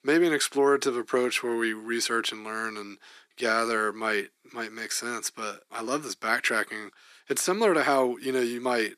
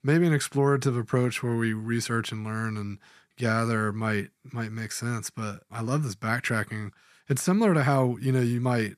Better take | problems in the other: second | thin; somewhat; fading below 300 Hz

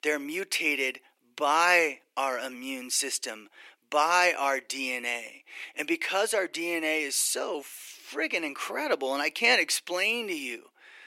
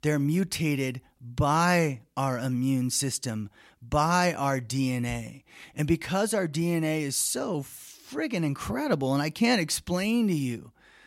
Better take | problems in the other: second | thin; very; fading below 350 Hz

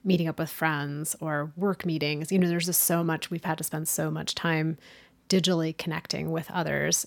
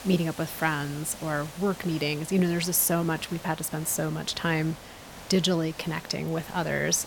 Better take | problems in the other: first | hiss; noticeable; throughout; 15 dB below the speech

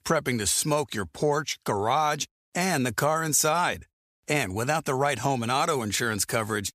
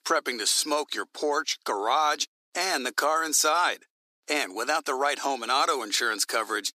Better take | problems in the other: first | thin; somewhat; fading below 300 Hz

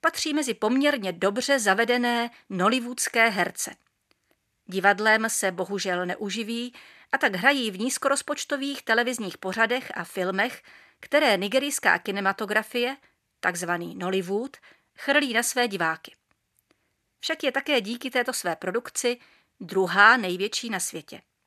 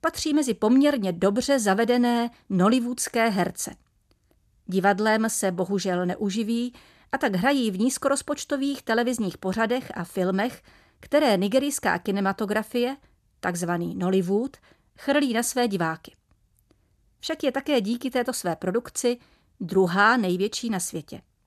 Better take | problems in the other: second | thin; very slightly; fading below 850 Hz

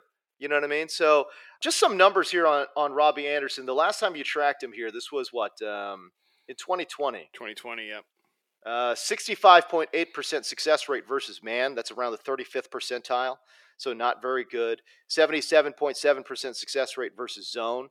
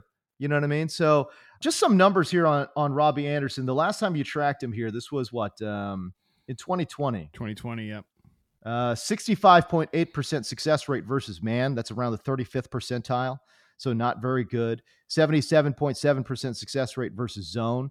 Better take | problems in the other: second | thin; very; fading below 400 Hz

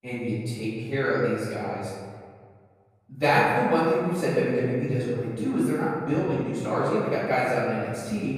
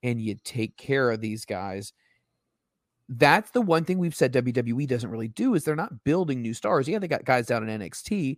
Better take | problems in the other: second | room echo; strong; dies away in 1.7 s // off-mic speech; far

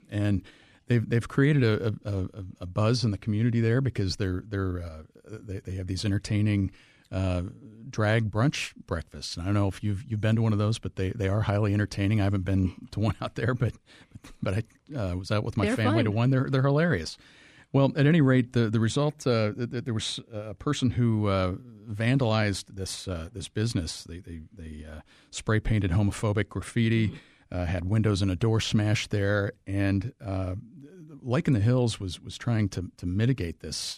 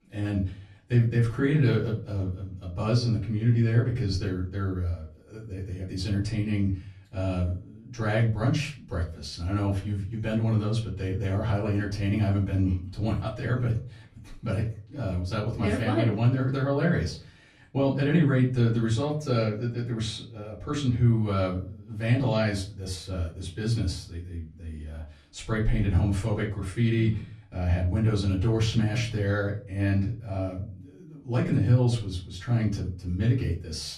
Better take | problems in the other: first | off-mic speech; far // room echo; slight; dies away in 0.4 s

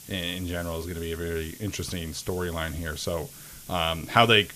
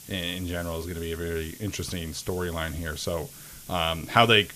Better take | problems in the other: neither | hiss; noticeable; throughout; 15 dB below the speech; the same in both

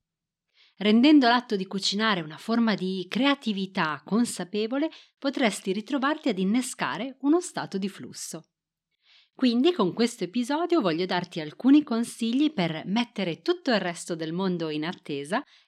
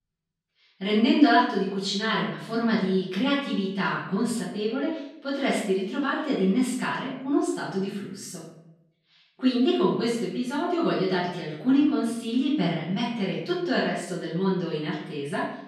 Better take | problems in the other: first | room echo; noticeable; dies away in 0.7 s // off-mic speech; far

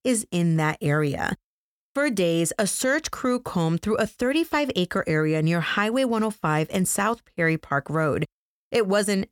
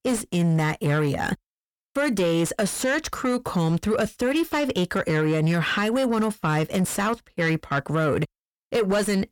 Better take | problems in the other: first | distortion; slight; 10 dB below the speech

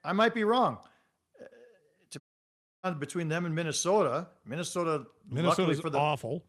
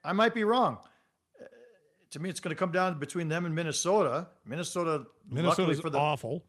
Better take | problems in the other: second | audio cutting out; at 2 s for 0.5 s

